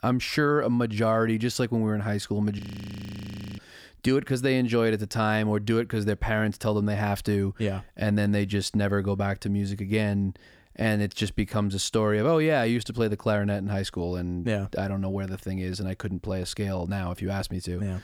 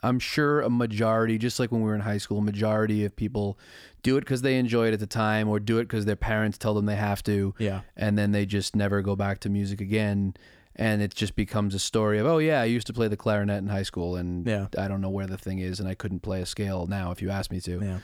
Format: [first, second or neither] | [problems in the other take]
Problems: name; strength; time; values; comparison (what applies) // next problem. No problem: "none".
second | audio freezing; at 2.5 s for 1 s